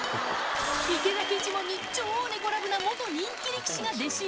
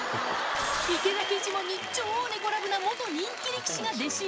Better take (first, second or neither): second